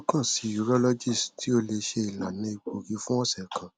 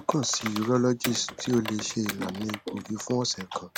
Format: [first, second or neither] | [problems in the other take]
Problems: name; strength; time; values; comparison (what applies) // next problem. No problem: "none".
first | background sound (Computer keyboard); 11 dB below the speech